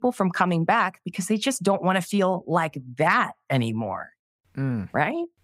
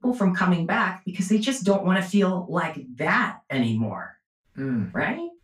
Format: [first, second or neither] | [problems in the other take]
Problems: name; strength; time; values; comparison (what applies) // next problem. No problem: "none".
first | room echo; slight; dies away in 0.2 s // off-mic speech; far